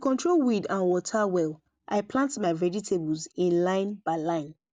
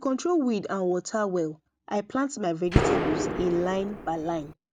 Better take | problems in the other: first | background sound (Gunshot, gunfire); as loud as the speech

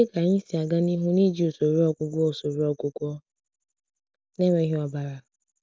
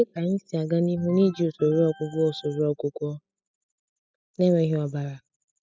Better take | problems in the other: first | noise reduction (classical method spectral subtraction)

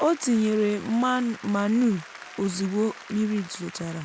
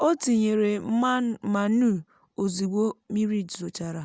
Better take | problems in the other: second | background sound (Applause); 18 dB below the speech

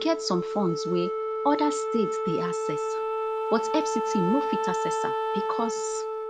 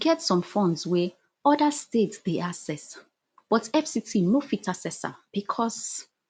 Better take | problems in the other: second | background sound (Wind instrument, woodwind instrument); 1 dB above the speech

